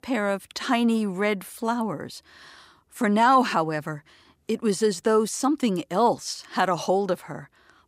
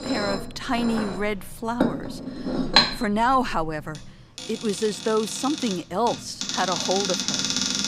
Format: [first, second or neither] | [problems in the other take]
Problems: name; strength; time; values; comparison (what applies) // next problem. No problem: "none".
first | household noises; very loud; throughout; as loud as the speech